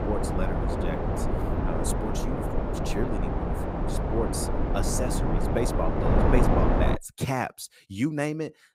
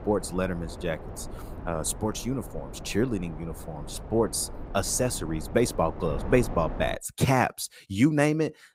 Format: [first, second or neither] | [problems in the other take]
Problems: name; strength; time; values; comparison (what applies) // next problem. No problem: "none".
second | wind noise on the microphone; heavy; until 7 s; 2 dB above the speech; occasional gusts in the second